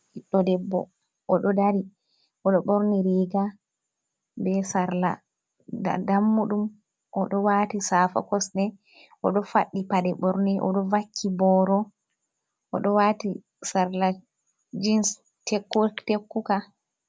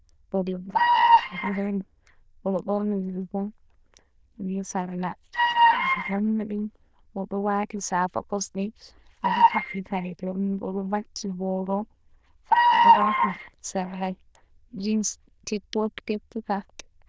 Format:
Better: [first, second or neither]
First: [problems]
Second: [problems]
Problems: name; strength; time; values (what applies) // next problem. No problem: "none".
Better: first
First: none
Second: noise reduction (neural diffusion model UNIVERSE++)